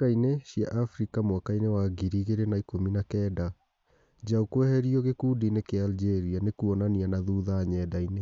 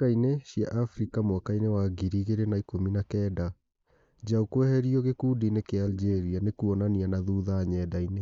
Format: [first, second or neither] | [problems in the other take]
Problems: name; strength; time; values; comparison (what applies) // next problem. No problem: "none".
first | noise reduction (neural mask model Resemble Enhance denoiser)